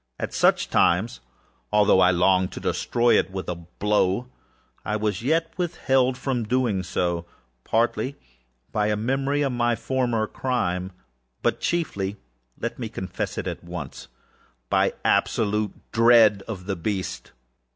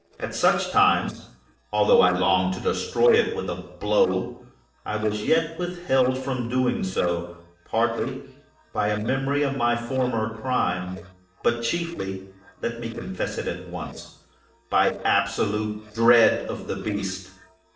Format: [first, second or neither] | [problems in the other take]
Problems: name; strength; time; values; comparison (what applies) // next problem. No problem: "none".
first | noise reduction (neural separator model SepFormer DNS4)